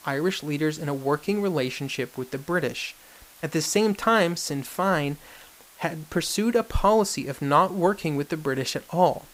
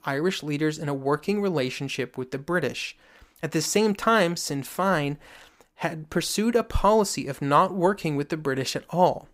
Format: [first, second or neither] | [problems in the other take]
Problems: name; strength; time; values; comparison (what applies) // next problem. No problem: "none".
second | hiss; faint; throughout; 25 dB below the speech